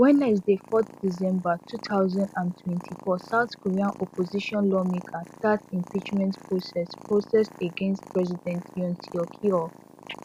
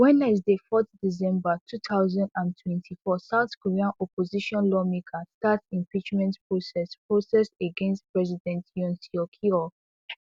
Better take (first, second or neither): second